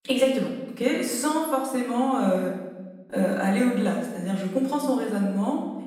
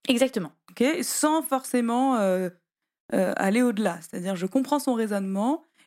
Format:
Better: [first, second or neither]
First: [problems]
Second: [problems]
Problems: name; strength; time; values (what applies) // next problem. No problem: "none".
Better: second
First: off-mic speech; far // room echo; noticeable; dies away in 1 s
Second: none